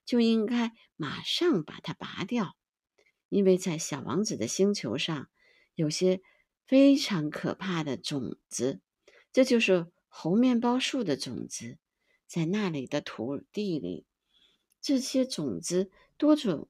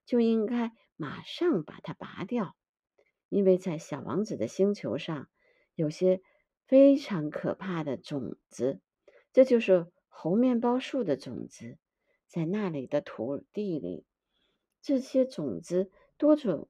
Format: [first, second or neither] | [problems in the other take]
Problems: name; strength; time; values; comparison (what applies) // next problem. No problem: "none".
first | muffled; very; fading above 2.5 kHz